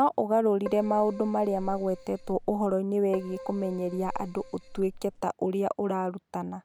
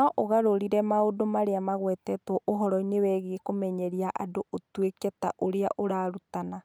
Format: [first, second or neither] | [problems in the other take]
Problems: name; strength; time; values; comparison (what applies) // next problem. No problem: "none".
second | background sound (Keyboard (musical)); 13 dB below the speech